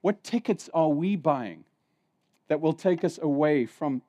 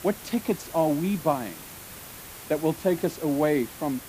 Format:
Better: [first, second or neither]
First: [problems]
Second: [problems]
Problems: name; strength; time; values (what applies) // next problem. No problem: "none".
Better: first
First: none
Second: hiss; noticeable; throughout; 15 dB below the speech